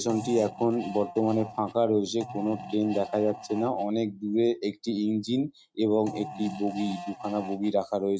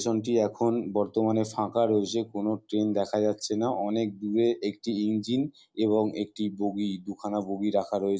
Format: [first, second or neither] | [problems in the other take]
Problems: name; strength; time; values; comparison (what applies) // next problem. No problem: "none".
second | noise reduction (neural mask model RNNoise)